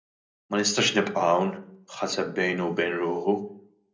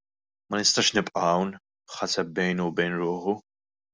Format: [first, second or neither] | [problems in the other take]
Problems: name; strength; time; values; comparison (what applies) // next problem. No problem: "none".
second | room echo; dies away in 0.5 s